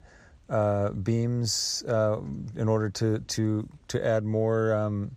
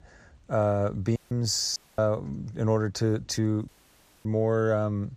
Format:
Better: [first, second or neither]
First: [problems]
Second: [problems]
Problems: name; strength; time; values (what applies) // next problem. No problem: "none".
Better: first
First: none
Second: audio cutting out; at 1 s, at 2 s and at 3.5 s for 0.5 s